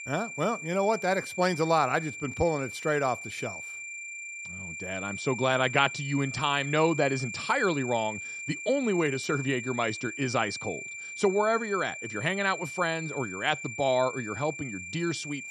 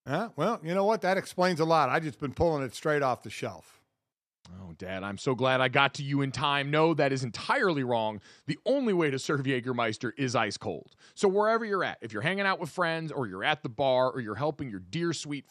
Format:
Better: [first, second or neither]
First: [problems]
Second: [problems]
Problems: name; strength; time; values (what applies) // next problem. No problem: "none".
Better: second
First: high-pitched whine; loud; throughout; 2.5 kHz, 8 dB below the speech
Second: none